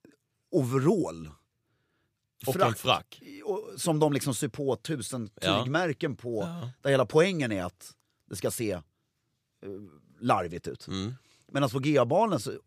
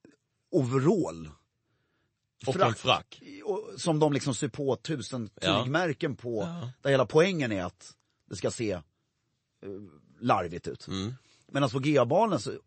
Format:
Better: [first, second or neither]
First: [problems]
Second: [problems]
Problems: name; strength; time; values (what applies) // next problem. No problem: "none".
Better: first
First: none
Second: garbled, watery; slightly; nothing above 8 kHz